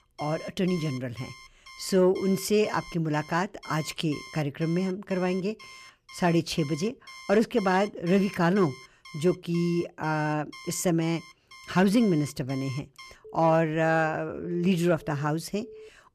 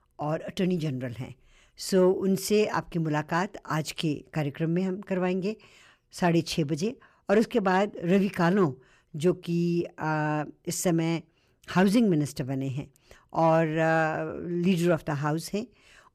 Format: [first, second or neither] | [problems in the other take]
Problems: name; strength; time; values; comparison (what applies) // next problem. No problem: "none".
second | alarms or sirens; noticeable; throughout; 20 dB below the speech